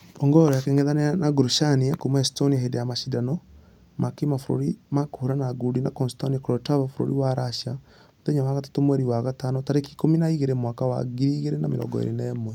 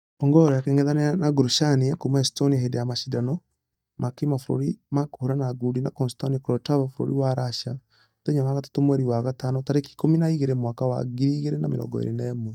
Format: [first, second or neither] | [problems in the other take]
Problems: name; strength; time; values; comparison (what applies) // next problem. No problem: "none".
first | noise reduction (neural mask model DeepFilterNet 3)